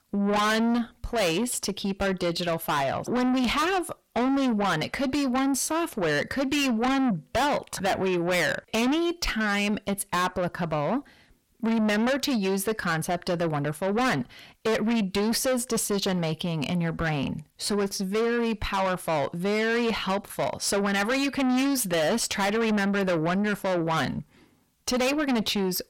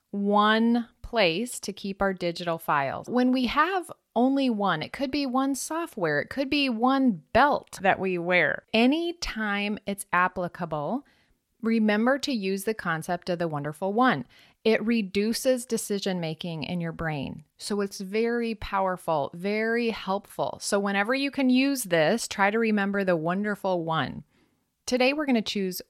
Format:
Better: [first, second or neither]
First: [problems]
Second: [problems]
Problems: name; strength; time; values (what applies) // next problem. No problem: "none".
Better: second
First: distortion; heavy; 6 dB below the speech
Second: none